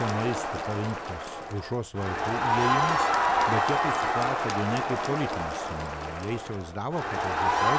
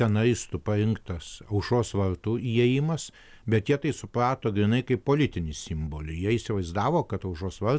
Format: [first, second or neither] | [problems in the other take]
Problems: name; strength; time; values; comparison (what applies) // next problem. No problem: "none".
second | background sound (Crowd); 5 dB above the speech